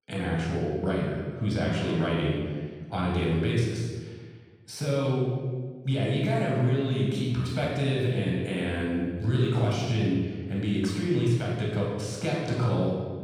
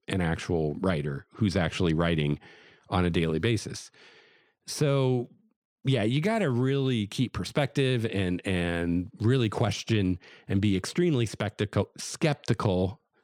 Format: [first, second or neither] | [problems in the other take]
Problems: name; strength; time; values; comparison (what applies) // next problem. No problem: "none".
second | off-mic speech; far // room echo; strong; dies away in 1.4 s